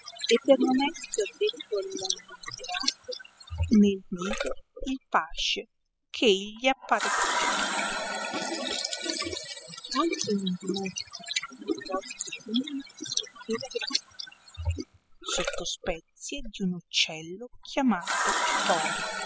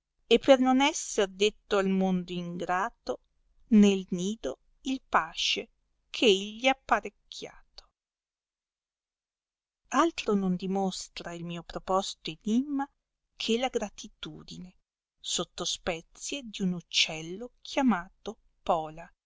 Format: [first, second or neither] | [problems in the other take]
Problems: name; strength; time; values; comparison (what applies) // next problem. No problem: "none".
second | noise reduction (classical method spectral subtraction)